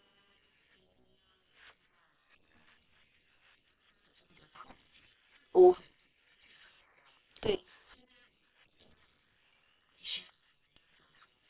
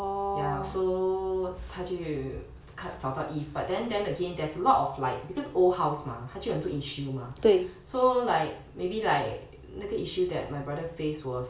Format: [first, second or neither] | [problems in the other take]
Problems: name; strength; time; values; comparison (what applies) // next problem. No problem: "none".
second | noise reduction (neural separator model SepFormer WHAM!)